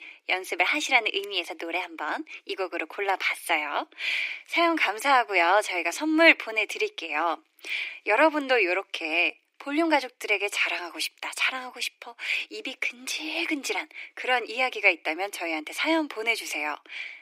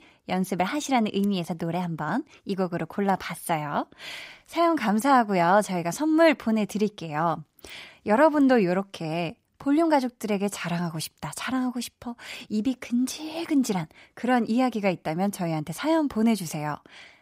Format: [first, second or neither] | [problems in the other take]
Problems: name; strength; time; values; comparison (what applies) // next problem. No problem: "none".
second | thin; very; fading below 300 Hz